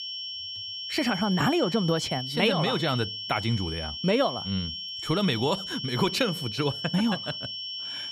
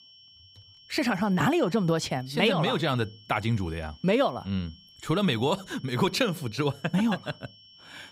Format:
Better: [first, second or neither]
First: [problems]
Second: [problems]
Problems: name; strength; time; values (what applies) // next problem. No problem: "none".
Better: second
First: high-pitched whine; loud; throughout; 3 kHz, 6 dB below the speech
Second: high-pitched whine; faint; throughout; 3 kHz, 25 dB below the speech